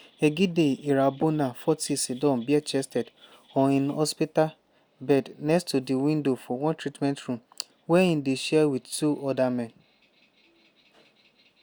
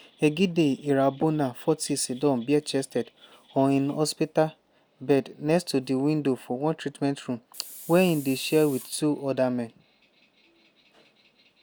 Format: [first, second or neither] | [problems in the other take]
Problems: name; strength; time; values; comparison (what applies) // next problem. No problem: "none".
first | background sound (Hiss); 16 dB below the speech